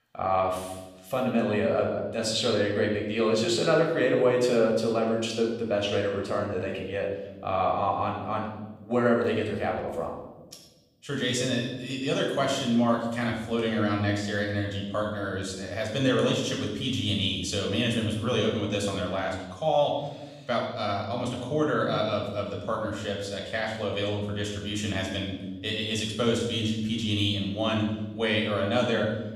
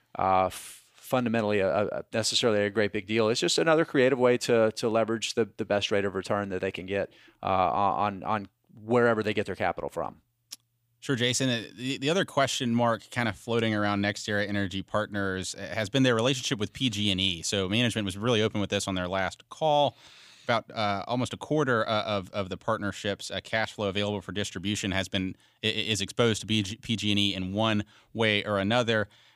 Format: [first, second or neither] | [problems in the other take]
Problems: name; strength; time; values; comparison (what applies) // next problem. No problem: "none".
second | off-mic speech; somewhat distant // room echo; noticeable; dies away in 1.1 s